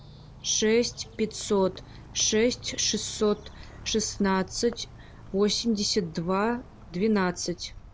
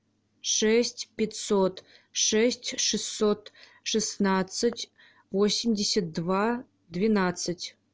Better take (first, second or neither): second